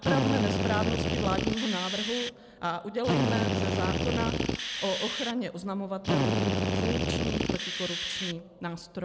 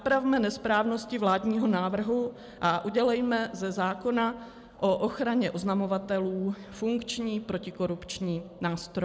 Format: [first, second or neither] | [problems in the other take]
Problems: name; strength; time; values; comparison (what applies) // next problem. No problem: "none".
second | background sound (Drill); 4 dB above the speech